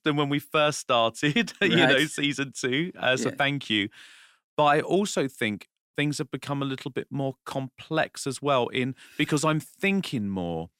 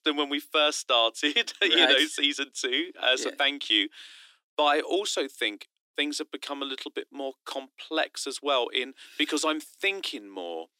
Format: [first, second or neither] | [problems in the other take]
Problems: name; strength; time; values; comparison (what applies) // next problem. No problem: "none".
first | thin; very slightly; fading below 300 Hz